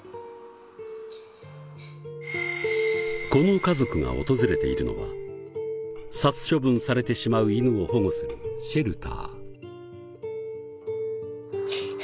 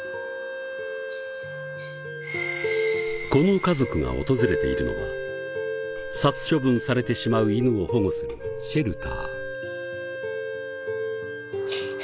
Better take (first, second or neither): first